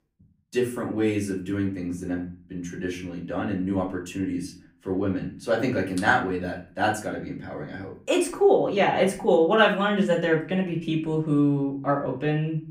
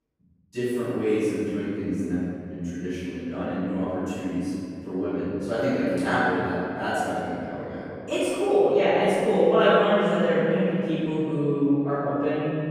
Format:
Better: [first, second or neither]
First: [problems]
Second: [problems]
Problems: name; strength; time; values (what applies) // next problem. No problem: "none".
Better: first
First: room echo; slight; dies away in 0.3 s // off-mic speech; far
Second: room echo; strong; dies away in 2.6 s // off-mic speech; far